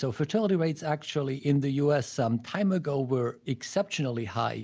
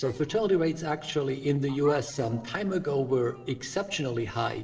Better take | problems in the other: first | noise reduction (neural separator model SepFormer DNS4)

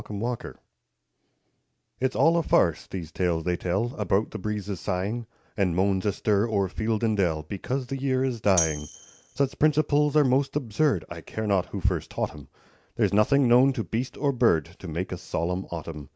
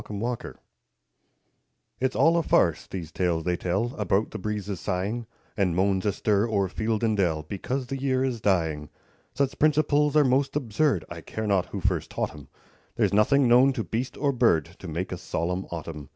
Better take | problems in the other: second | background sound (Tambourine); 8 dB below the speech

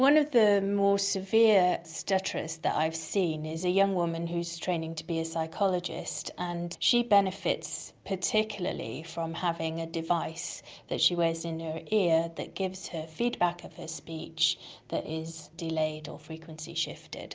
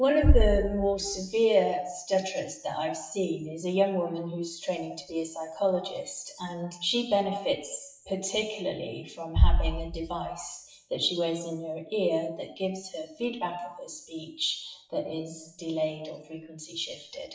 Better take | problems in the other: first | noise reduction (classical method WPE with log-MMSE)

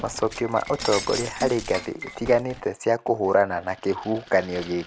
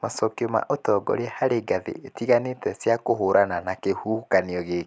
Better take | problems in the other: second | background sound (Shatter); 13 dB below the speech

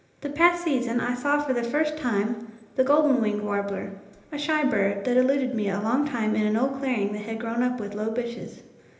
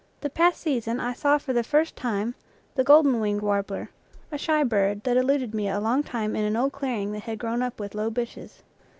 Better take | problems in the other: second | room echo; dies away in 1 s

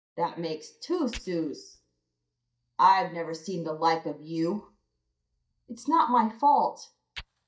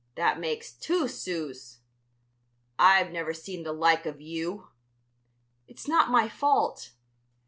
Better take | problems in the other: second | noise reduction (neural mask model DeepFilterNet 3)

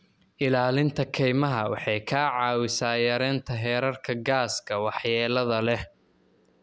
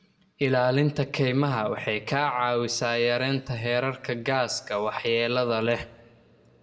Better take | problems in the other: first | room echo; dies away in 1 s

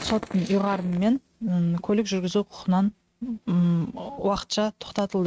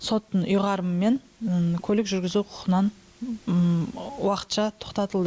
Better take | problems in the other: second | noise reduction (neural mask model RNNoise)

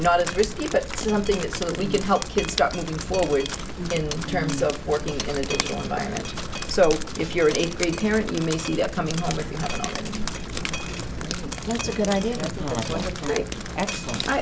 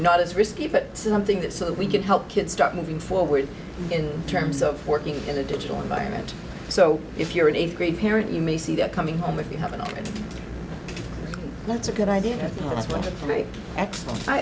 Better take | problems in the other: second | background sound (Drip); 6 dB below the speech

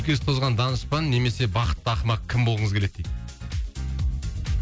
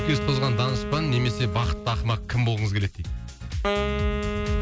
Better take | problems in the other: first | background sound (Wind instrument, woodwind instrument); 6 dB below the speech

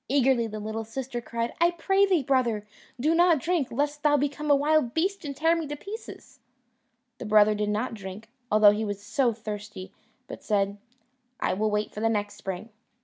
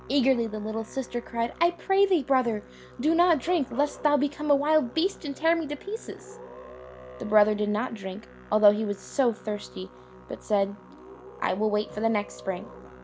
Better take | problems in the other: first | background sound (Musical instrument); 19 dB below the speech

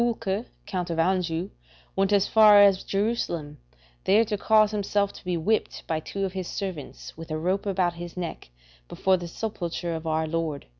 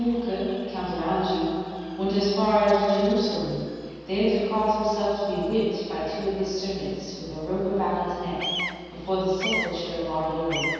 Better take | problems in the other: first | background sound (Bird vocalization, bird call, bird song); 13 dB below the speech // room echo; dies away in 2.1 s

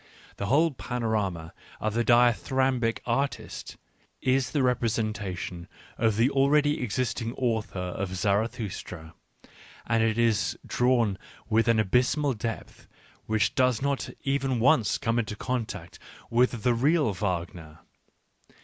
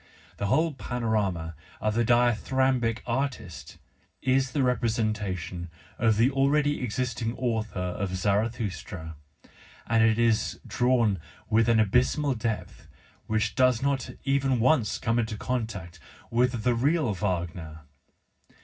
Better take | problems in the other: first | room echo; dies away in 0.4 s

